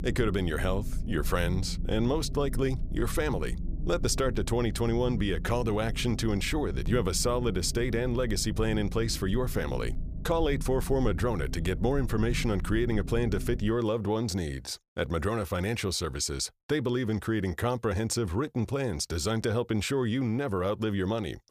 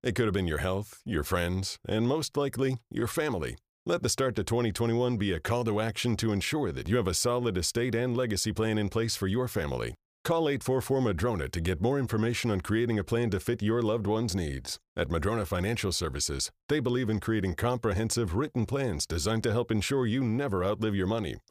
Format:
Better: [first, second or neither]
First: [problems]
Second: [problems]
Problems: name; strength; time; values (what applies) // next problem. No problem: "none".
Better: second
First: low rumble; noticeable; until 14 s; 15 dB below the speech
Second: none